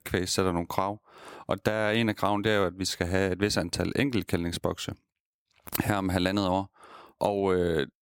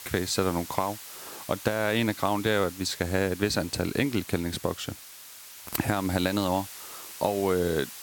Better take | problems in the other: first | hiss; noticeable; throughout; 15 dB below the speech

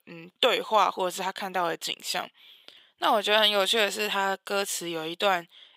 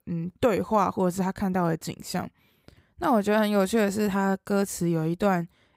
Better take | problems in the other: second | thin; very; fading below 550 Hz

